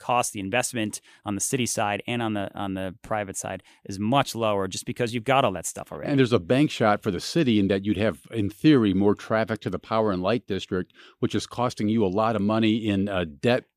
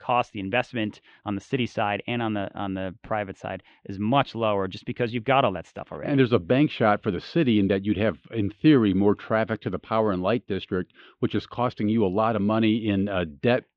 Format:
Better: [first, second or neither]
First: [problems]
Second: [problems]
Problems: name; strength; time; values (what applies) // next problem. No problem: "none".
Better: first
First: none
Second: muffled; very; fading above 3.5 kHz